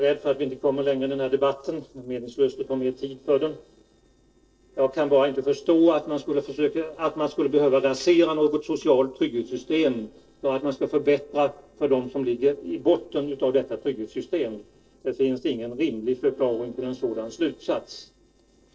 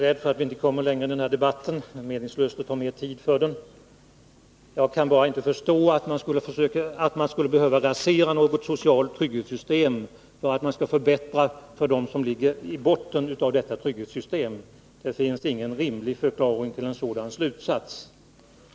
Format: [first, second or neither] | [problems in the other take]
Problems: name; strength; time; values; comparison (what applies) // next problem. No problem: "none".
second | noise reduction (neural separator model SepFormer DNS4)